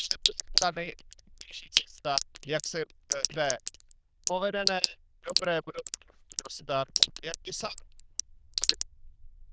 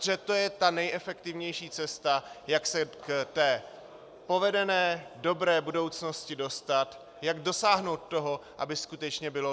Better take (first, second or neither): second